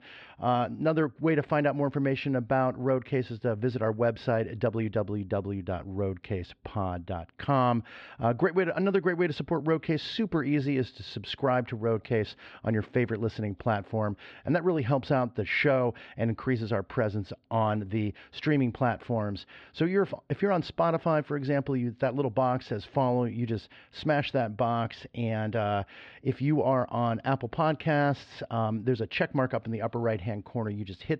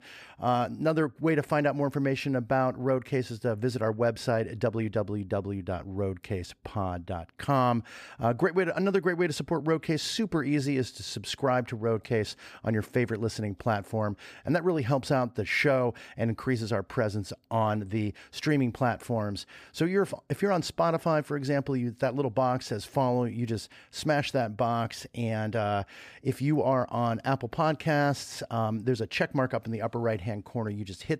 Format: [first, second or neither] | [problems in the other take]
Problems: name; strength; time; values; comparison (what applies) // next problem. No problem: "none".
second | muffled; slightly; fading above 3.5 kHz